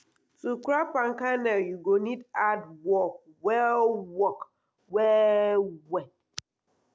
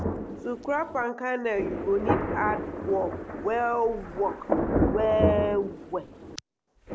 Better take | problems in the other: first | background sound (Thunder); 2 dB below the speech

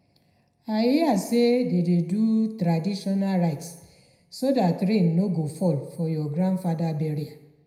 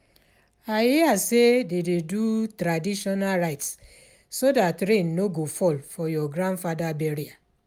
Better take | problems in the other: second | room echo; dies away in 0.7 s

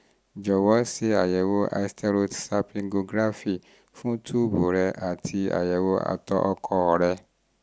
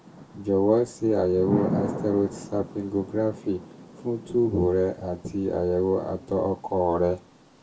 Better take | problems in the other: first | background sound (Thunder / Rain); 11 dB below the speech // room echo; dies away in 0.2 s

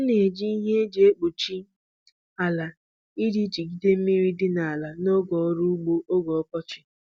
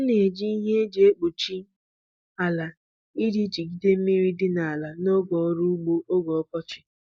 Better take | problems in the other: first | noise reduction (neural mask model Resemble Enhance denoiser)

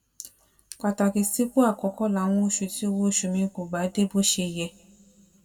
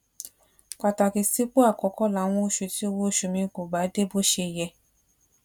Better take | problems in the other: second | room echo; dies away in 0.8 s

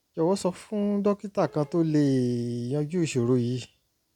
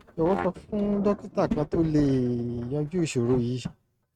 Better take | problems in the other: first | noise reduction (neural mask model RNNoise)

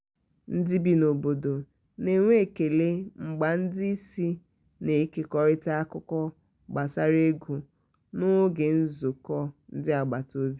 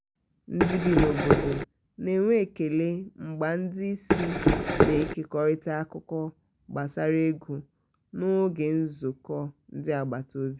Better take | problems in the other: first | background sound (Run); 5 dB above the speech

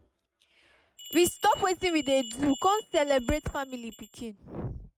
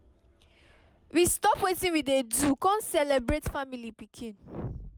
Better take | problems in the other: second | noise reduction (neural mask model RNNoise)

